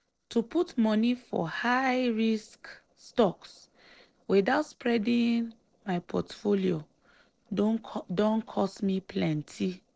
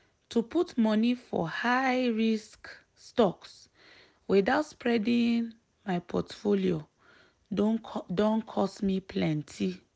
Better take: second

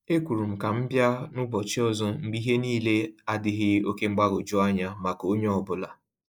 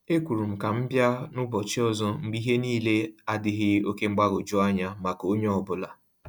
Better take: second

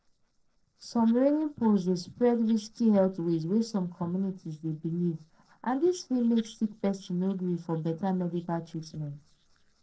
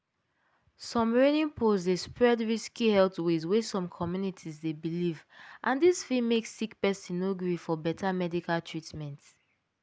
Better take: second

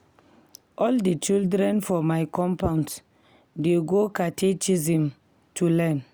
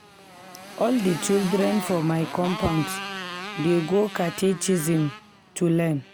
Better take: first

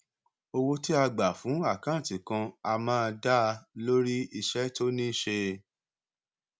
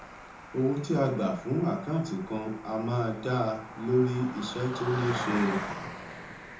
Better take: first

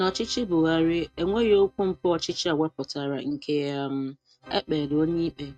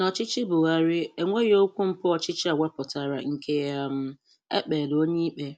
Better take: second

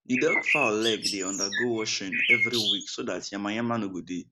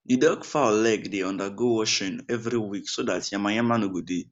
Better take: second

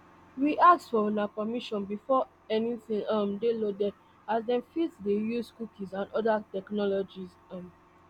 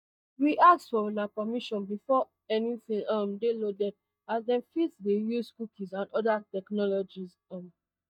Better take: first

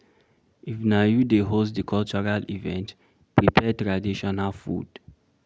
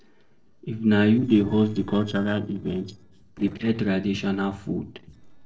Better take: first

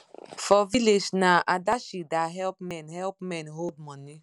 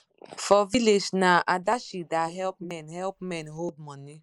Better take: first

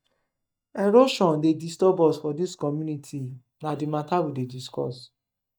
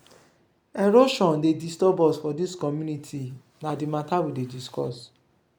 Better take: second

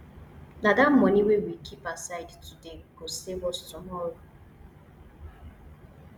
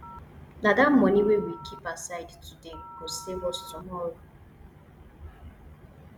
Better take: first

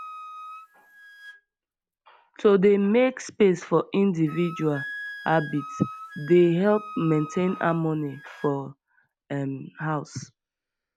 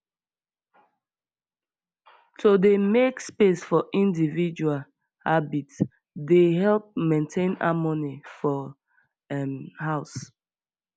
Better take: second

